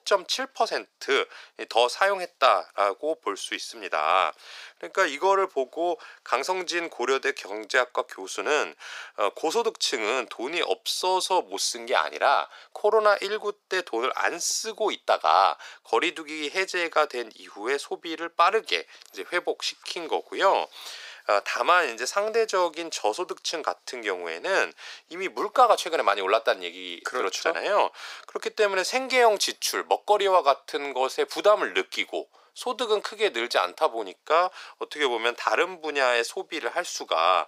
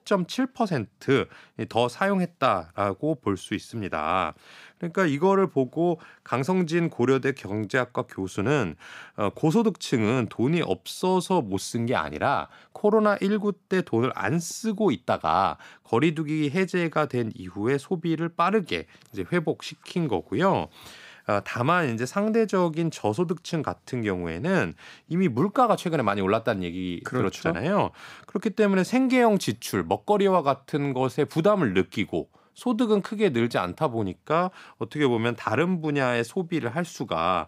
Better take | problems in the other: second | thin; very; fading below 450 Hz

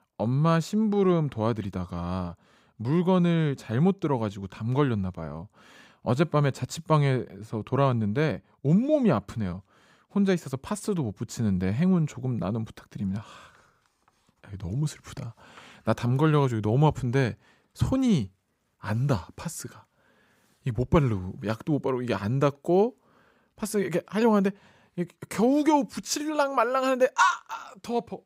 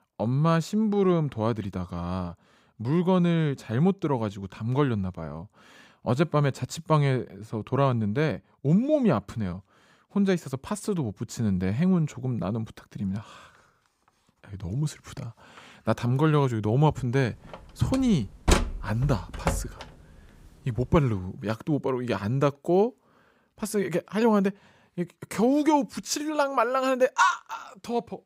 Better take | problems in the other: first | door banging; loud; from 18 to 20 s; peak 2 dB above the speech

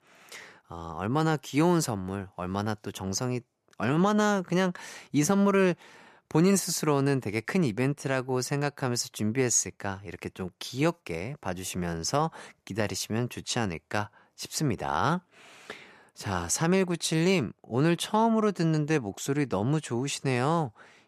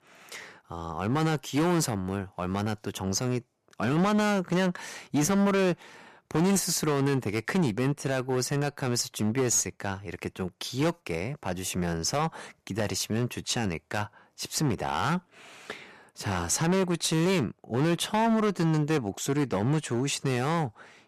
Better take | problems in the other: first | distortion; slight; 10% of the sound clipped

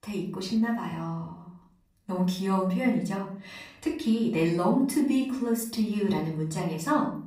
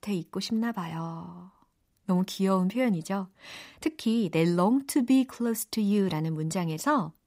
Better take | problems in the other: second | off-mic speech; far // room echo; noticeable; dies away in 0.4 s

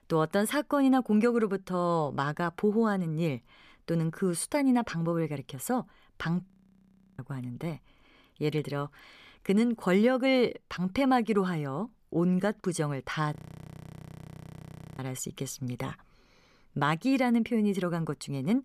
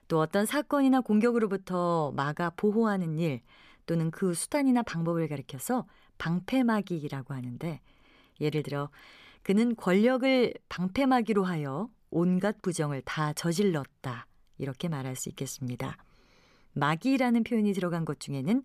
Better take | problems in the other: second | audio freezing; at 6.5 s for 0.5 s and at 13 s for 1.5 s

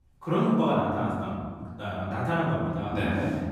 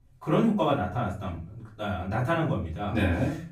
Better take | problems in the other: second | room echo; strong; dies away in 1.6 s; slight in the second // off-mic speech; far; far in the second

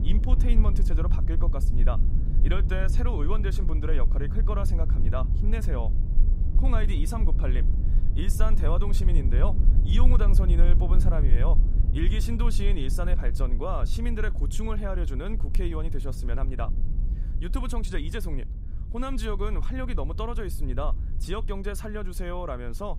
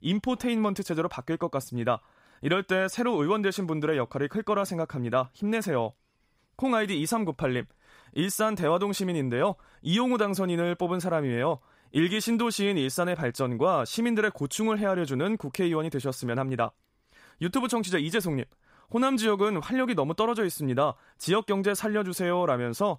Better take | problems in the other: second | low rumble; loud; throughout; 9 dB below the speech

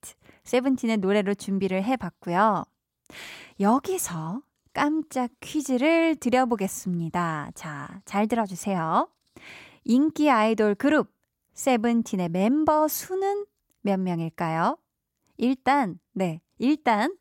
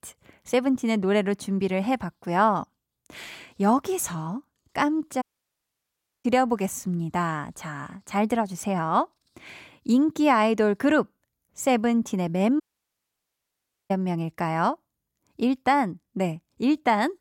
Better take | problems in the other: first | audio cutting out; at 5 s for 1 s and at 13 s for 1.5 s

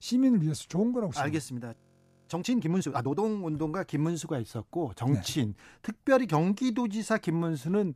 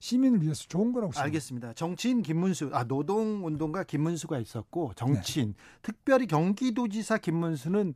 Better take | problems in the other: second | audio freezing; at 2 s for 0.5 s

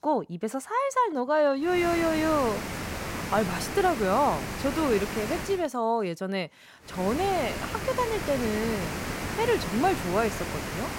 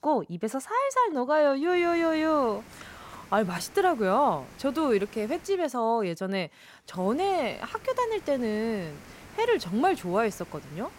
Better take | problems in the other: second | hiss; loud; from 1.5 to 5.5 s and from 7 s on; 6 dB below the speech; faint in the second

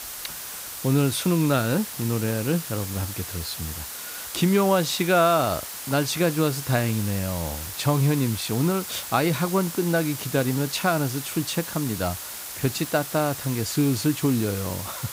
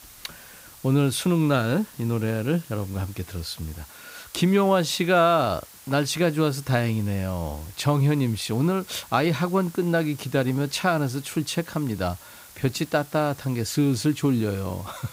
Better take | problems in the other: second | hiss; loud; throughout; 8 dB below the speech; faint in the second

